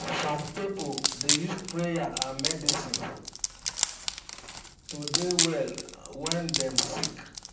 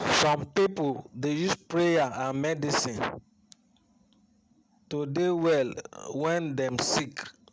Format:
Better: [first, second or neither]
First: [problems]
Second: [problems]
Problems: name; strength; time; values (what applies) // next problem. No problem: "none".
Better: second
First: background sound (Wood); 2 dB above the speech // room echo; dies away in 0.6 s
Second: none